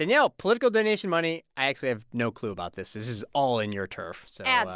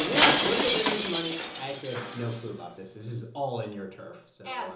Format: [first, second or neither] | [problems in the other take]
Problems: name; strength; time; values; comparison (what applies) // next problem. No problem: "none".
first | background sound (Shatter); 3 dB above the speech // room echo; dies away in 0.6 s